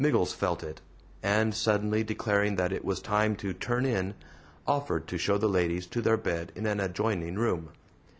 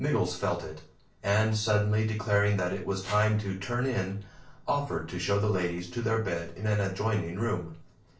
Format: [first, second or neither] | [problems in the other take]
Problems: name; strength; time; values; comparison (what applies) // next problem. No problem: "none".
first | noise reduction (neural separator model SepFormer DNS4)